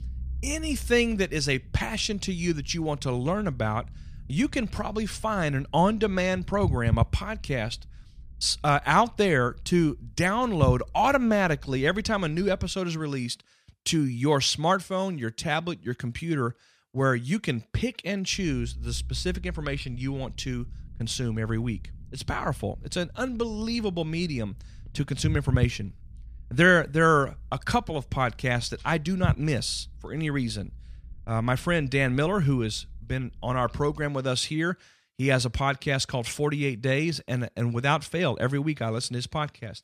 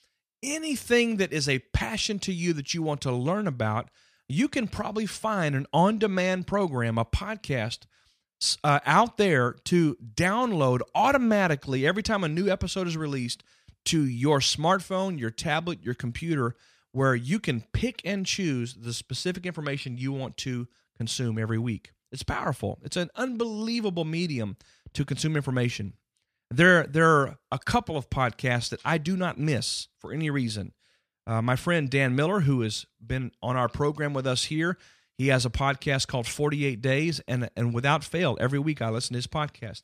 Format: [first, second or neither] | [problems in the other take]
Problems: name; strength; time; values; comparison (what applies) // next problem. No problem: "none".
second | low rumble; faint; until 13 s and from 18 to 34 s; 20 dB below the speech